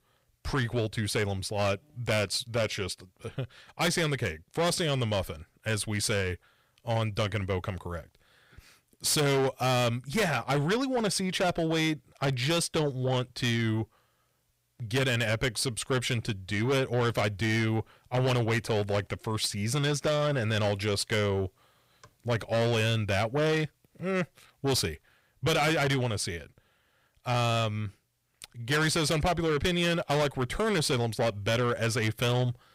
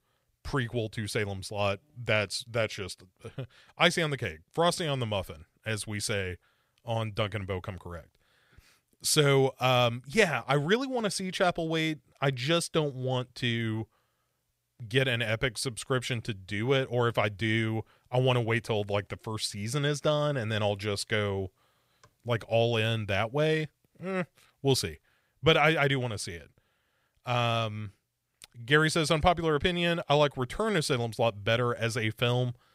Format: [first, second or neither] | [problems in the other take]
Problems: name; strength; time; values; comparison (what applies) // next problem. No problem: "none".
second | distortion; heavy; 7 dB below the speech